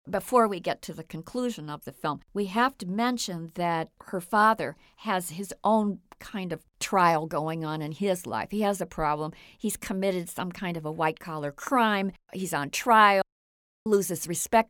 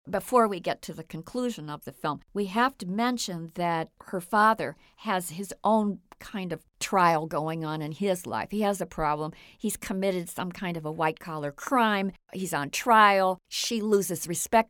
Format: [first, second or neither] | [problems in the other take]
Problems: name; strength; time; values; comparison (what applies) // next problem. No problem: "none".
second | audio cutting out; at 13 s for 0.5 s